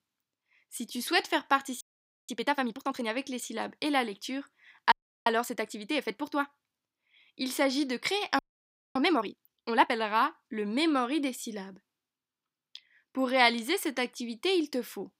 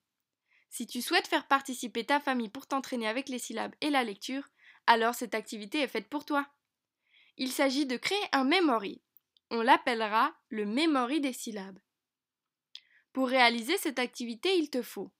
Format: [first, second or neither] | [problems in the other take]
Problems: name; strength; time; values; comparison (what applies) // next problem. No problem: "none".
second | audio freezing; at 2 s, at 5 s and at 8.5 s for 0.5 s